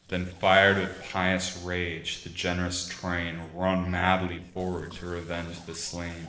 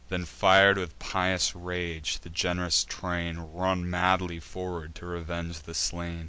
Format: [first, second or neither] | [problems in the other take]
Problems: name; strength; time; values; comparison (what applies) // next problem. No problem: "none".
second | noise reduction (neural separator model SepFormer DNS4)